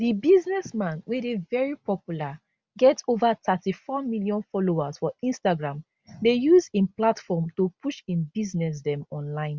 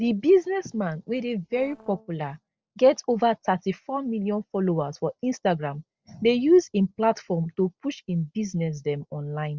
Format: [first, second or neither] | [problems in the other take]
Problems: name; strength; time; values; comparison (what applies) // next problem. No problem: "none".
first | noise reduction (neural separator model SepFormer DNS4)